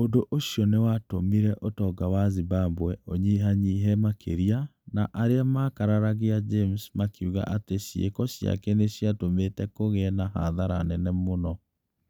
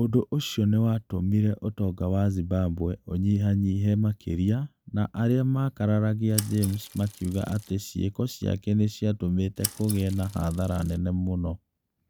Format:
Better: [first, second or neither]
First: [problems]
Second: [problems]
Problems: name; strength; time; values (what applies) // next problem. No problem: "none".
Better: first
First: none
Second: background sound (Mechanisms / Bicycle); 13 dB below the speech